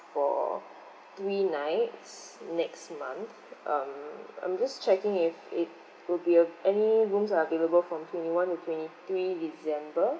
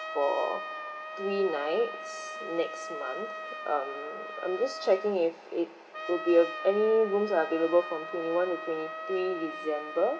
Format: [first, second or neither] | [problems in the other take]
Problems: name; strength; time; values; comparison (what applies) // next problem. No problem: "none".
first | background sound (Trumpet); 10 dB below the speech